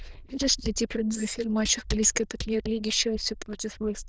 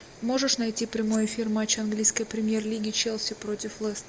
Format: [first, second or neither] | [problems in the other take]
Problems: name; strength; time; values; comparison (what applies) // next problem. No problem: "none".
second | noise reduction (neural diffusion model UNIVERSE++)